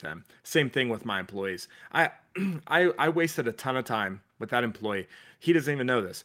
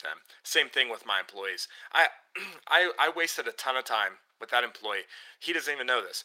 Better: first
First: none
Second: thin; very; fading below 600 Hz

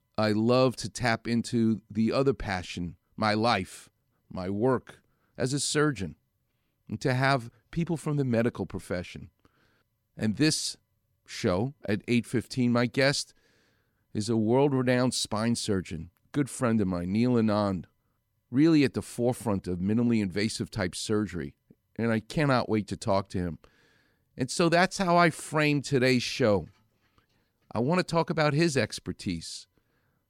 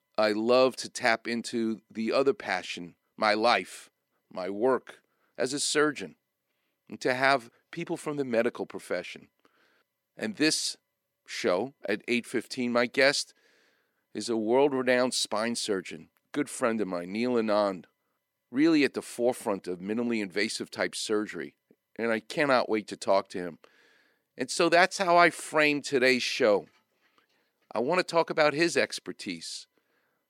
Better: first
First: none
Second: thin; somewhat; fading below 350 Hz

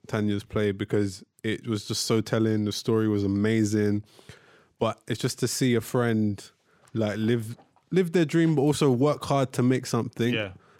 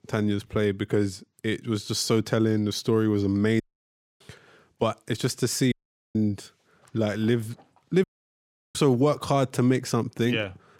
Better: first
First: none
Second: audio cutting out; at 3.5 s for 0.5 s, at 5.5 s and at 8 s for 0.5 s

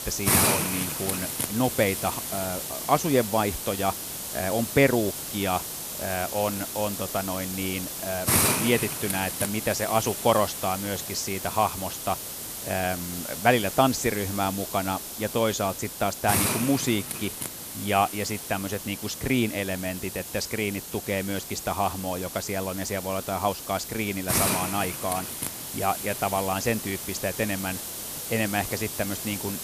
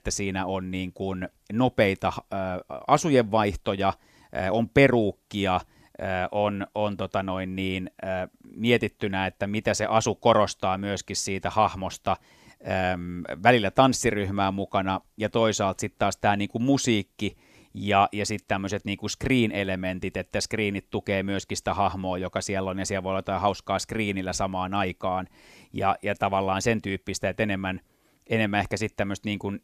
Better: second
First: hiss; loud; throughout; 2 dB below the speech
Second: none

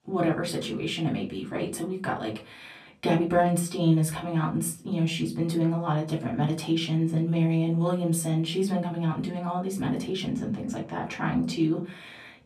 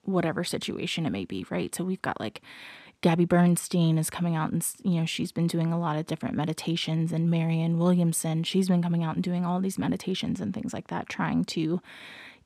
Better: second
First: off-mic speech; far // room echo; very slight; dies away in 0.3 s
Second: none

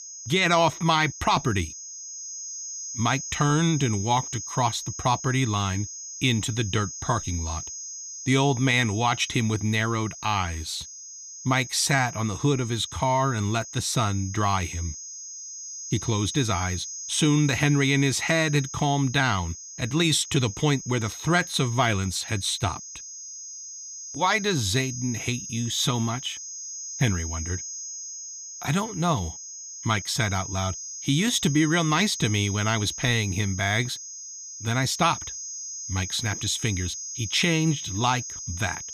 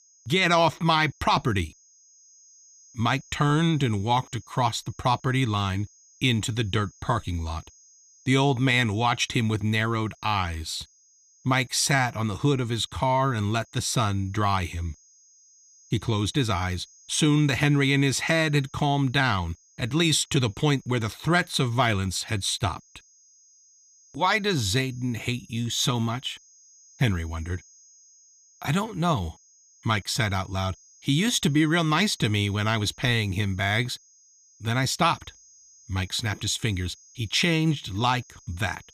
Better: second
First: high-pitched whine; loud; throughout; 6.5 kHz, 9 dB below the speech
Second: high-pitched whine; faint; throughout; 6.5 kHz, 30 dB below the speech

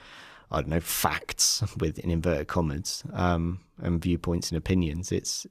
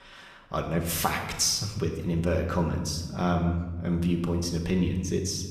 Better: first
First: none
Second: room echo; slight; dies away in 1 s

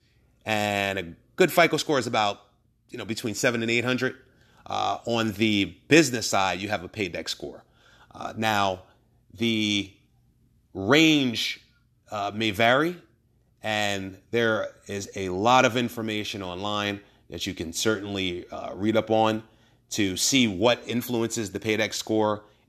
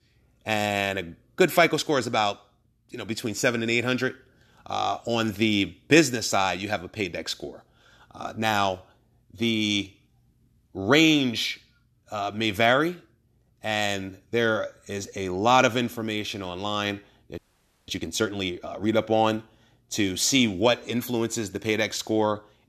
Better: first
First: none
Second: audio freezing; at 17 s for 0.5 s

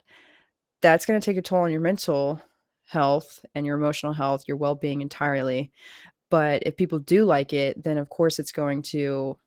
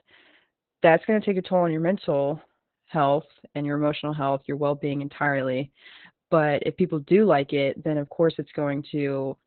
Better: first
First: garbled, watery; slightly; nothing above 17 kHz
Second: garbled, watery; badly; nothing above 4 kHz

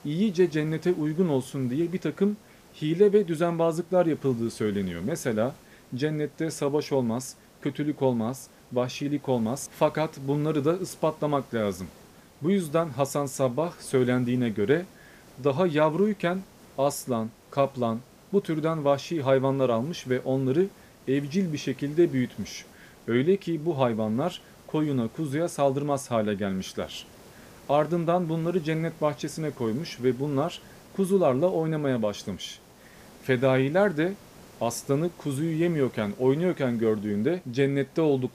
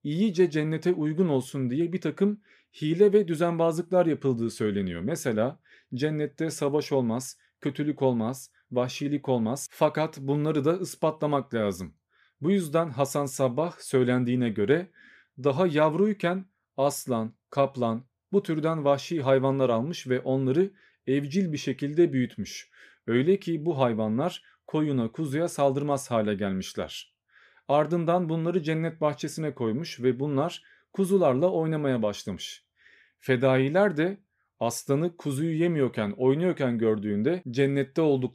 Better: second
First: hiss; faint; throughout; 25 dB below the speech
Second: none

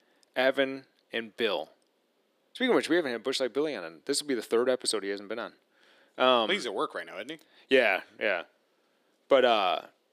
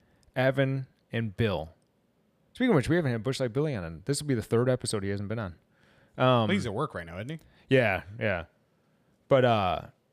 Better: second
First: thin; somewhat; fading below 300 Hz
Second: none

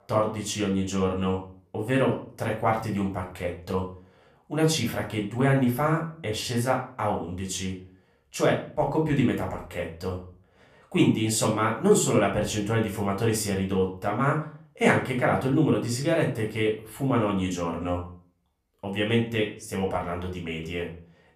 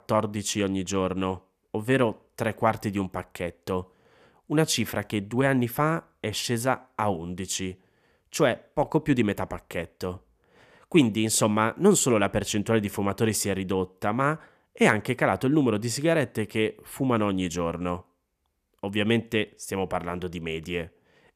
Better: second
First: off-mic speech; far // room echo; slight; dies away in 0.4 s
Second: none

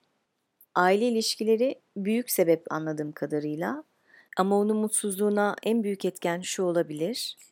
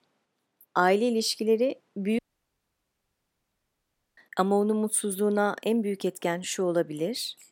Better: first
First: none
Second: audio cutting out; at 2 s for 2 s

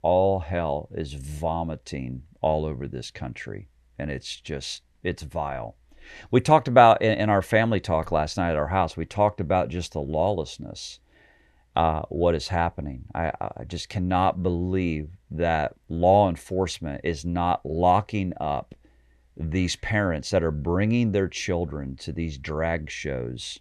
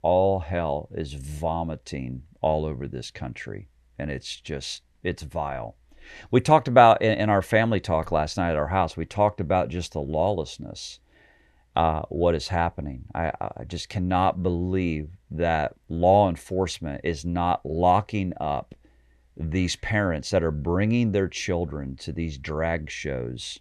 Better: neither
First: none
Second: none

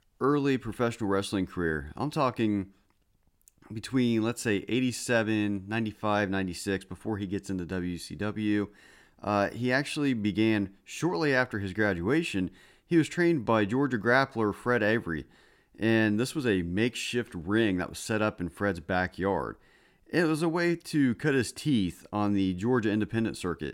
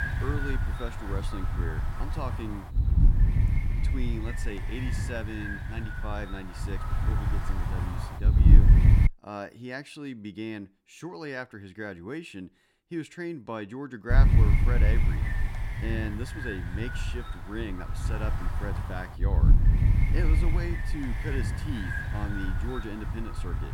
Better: first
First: none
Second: wind noise on the microphone; heavy; until 9 s and from 14 s on; as loud as the speech

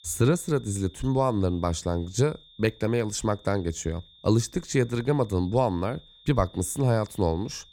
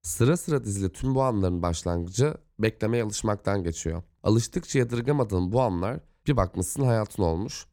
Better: second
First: high-pitched whine; faint; throughout; 3.5 kHz, 25 dB below the speech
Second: none

